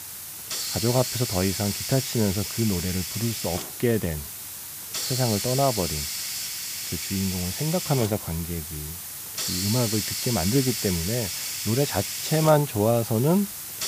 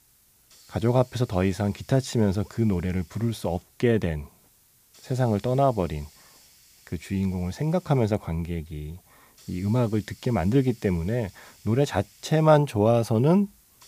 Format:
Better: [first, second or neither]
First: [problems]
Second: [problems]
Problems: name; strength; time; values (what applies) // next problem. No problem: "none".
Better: second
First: hiss; loud; throughout; 3 dB below the speech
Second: hiss; faint; throughout; 25 dB below the speech